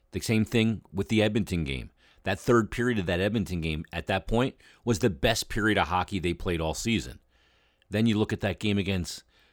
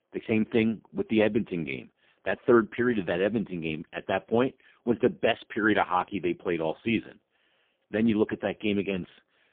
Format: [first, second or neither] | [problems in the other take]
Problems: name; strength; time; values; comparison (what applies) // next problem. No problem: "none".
first | phone-call audio; poor line